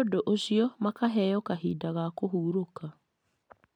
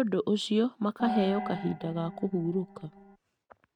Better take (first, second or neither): first